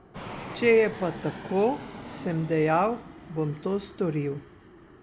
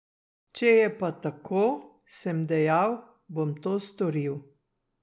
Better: second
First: background sound (Fixed-wing aircraft, airplane); 14 dB below the speech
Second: none

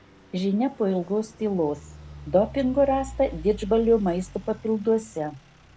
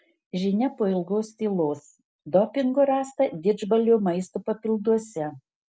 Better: second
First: background sound (Idling / Truck); 17 dB below the speech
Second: none

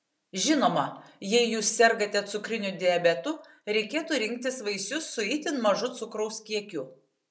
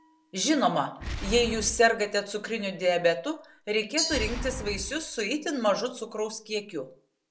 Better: first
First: none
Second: background sound (Boom + Glass); 11 dB below the speech

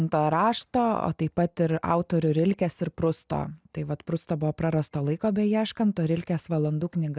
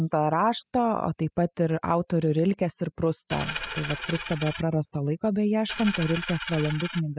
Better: first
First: none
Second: noise reduction (classical method spectral subtraction)

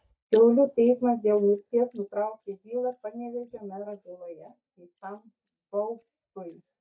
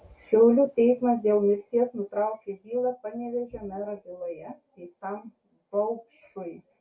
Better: second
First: noise reduction (neural mask model DeepFilterNet 3)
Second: none

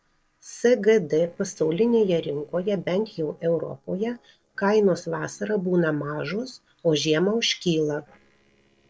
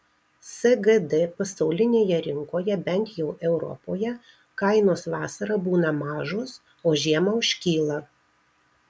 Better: second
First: noise reduction (neural separator model SepFormer DNS4)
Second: none

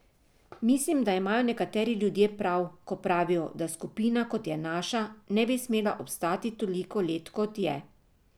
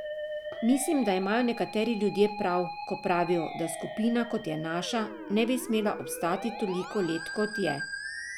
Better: first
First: none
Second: background sound (Musical instrument); 9 dB below the speech

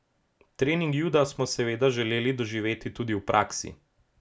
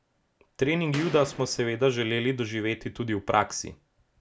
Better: first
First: none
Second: background sound (Boom); 13 dB below the speech

